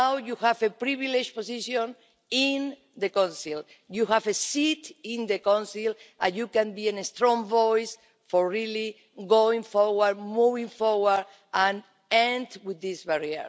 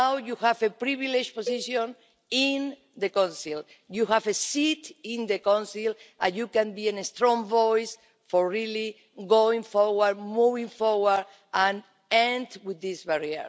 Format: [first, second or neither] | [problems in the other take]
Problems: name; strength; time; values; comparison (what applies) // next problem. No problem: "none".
first | background sound (Cowbell); 13 dB below the speech